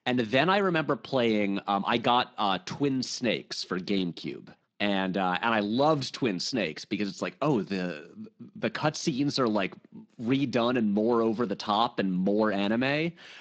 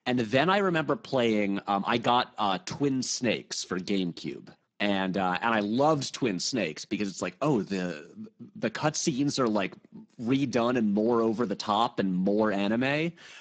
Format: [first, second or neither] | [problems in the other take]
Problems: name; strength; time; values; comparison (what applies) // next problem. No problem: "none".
first | garbled, watery; badly; nothing above 7.5 kHz; slightly in the first